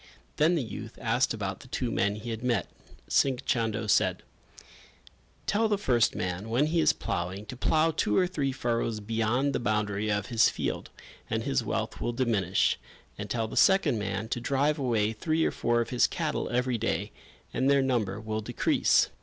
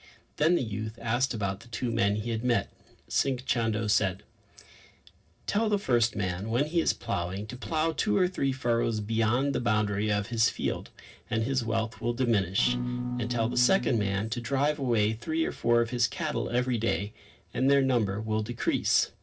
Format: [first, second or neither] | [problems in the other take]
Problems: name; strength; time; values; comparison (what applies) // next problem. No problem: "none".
first | noise reduction (neural separator model SepFormer DNS4)